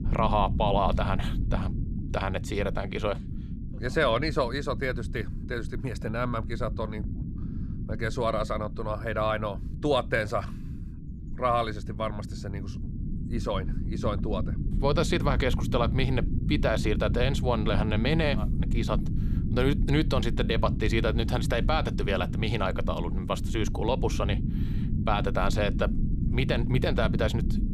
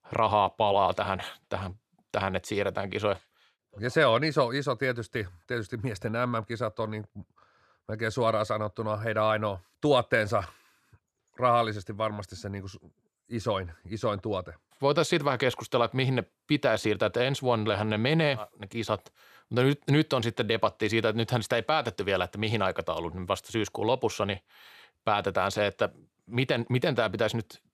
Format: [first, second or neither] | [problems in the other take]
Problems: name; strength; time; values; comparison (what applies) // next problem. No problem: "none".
second | low rumble; noticeable; throughout; 15 dB below the speech